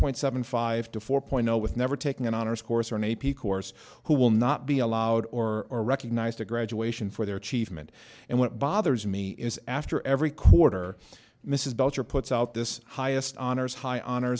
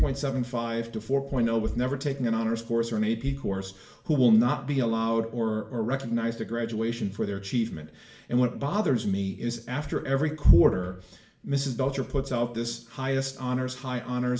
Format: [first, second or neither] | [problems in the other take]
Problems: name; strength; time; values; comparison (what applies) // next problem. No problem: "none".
first | room echo; dies away in 0.5 s